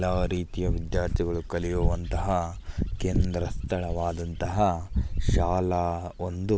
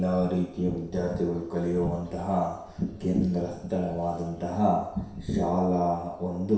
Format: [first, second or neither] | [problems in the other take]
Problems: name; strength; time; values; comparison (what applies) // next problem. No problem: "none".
first | room echo; dies away in 0.7 s